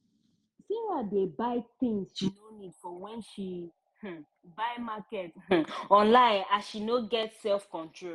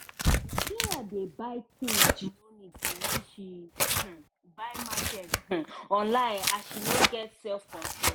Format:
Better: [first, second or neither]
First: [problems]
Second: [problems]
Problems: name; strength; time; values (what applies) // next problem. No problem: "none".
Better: first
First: none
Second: background sound (Tearing); 4 dB above the speech